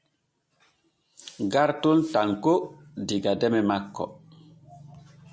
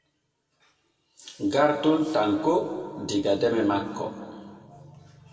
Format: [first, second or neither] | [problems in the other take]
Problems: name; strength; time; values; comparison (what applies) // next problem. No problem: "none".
first | room echo; dies away in 2 s